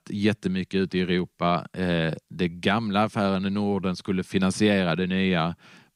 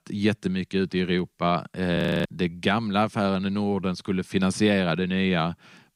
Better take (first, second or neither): first